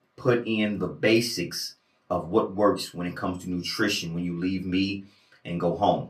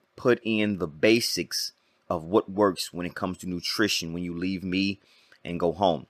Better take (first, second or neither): second